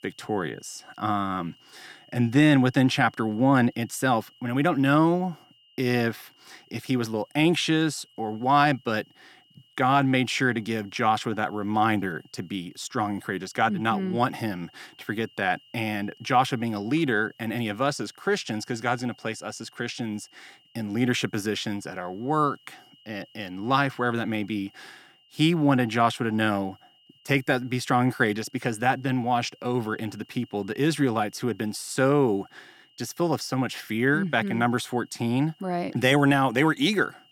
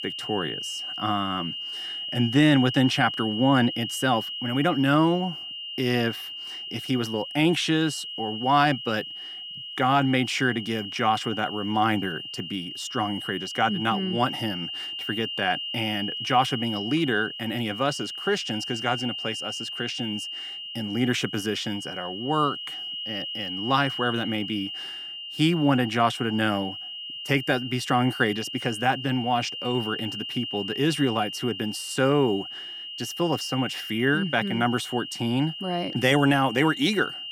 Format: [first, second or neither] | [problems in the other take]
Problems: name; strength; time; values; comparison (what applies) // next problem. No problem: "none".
first | high-pitched whine; loud; throughout; 3 kHz, 7 dB below the speech; faint in the first